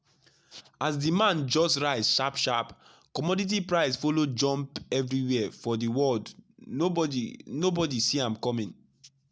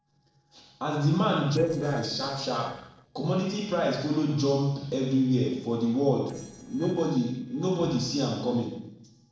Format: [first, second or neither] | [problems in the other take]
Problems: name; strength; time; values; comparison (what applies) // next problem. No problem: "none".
first | noise reduction (neural separator model SepFormer DNS4)